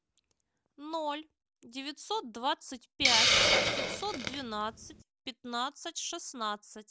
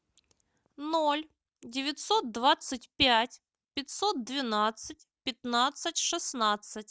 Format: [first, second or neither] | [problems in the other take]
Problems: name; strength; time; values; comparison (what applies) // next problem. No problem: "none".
second | background sound (Hiss); 4 dB above the speech